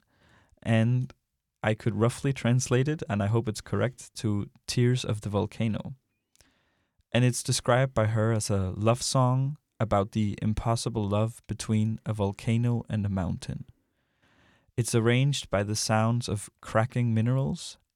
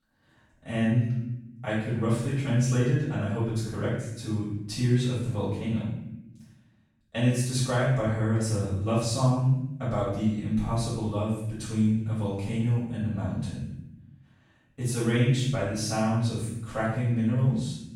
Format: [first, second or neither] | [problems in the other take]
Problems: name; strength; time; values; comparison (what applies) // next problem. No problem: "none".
first | room echo; strong; dies away in 0.8 s // off-mic speech; far